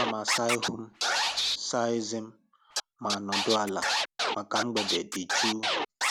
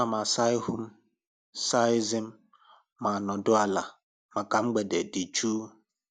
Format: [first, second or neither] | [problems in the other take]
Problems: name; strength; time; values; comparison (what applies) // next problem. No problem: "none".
second | background sound (Scratching (performance technique)); 1 dB above the speech